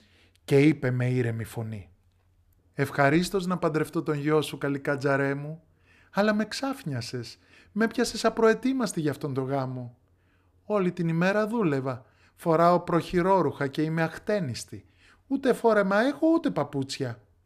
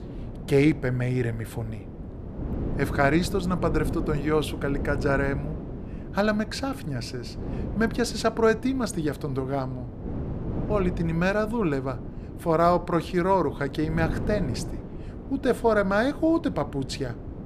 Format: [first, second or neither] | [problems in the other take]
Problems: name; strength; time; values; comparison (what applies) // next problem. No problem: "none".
first | wind noise on the microphone; occasional gusts; 15 dB below the speech